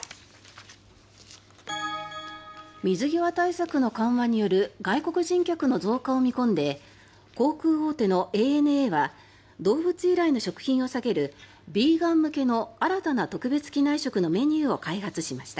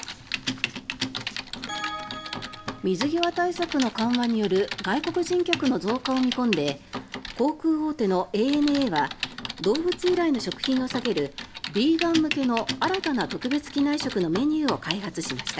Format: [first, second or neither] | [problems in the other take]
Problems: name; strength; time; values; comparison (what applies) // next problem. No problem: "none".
first | background sound (Typing); 9 dB below the speech